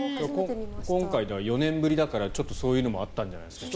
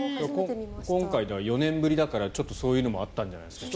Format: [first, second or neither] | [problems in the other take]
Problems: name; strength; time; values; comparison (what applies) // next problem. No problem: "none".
second | background sound (Splash, splatter); 12 dB below the speech